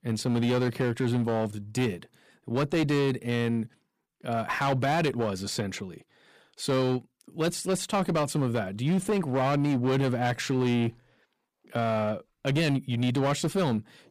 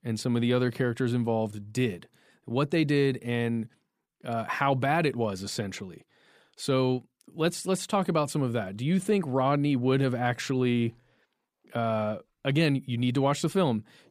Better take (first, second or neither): second